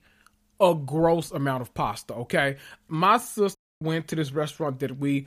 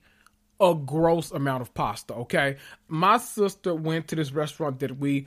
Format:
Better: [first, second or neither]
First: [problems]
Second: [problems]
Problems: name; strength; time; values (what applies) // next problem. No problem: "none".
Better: second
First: audio cutting out; at 3.5 s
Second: none